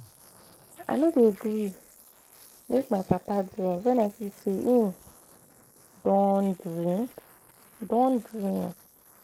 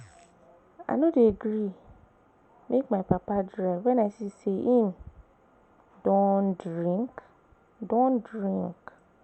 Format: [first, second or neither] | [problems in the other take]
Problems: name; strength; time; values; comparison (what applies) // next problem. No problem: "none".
second | noise reduction (neural mask model Resemble Enhance denoiser)